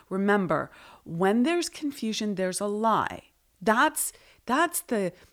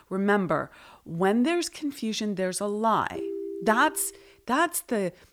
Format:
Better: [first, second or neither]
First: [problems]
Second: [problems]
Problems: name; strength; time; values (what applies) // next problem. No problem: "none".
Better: first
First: none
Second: phone ringing; noticeable; from 3 to 4 s; peak 7 dB below the speech